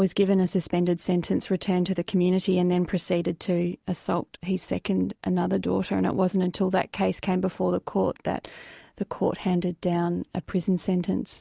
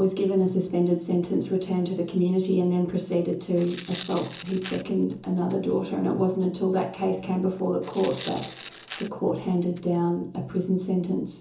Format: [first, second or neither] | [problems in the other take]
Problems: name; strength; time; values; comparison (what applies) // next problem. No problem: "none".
first | background sound (Tearing); 19 dB below the speech // room echo; dies away in 0.7 s